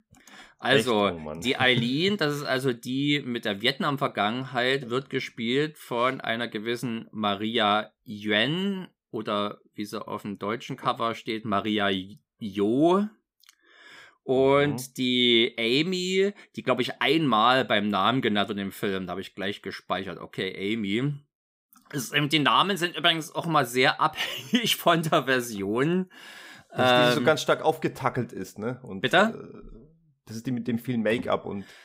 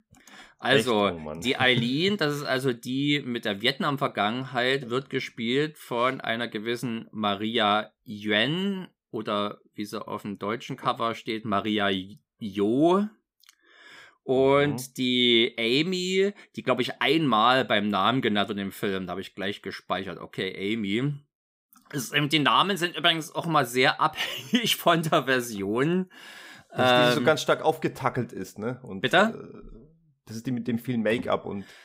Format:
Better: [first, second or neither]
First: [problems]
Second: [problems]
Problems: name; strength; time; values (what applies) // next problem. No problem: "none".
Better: neither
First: none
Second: none